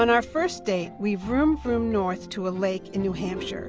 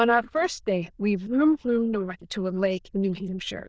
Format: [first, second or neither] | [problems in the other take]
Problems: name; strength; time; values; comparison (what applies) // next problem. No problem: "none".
first | noise reduction (neural diffusion model UNIVERSE++)